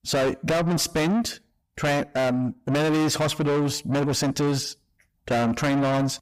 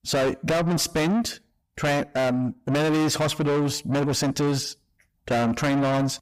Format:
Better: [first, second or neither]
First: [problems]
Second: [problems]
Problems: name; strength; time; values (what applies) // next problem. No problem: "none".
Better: neither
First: distortion; heavy; 5 dB below the speech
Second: distortion; heavy; 5 dB below the speech